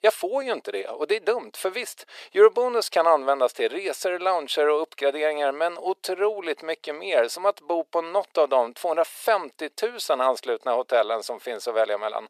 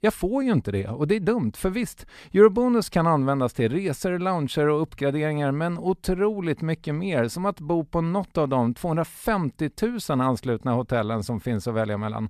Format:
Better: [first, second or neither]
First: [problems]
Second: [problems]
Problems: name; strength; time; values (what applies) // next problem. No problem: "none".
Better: second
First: thin; very; fading below 400 Hz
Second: none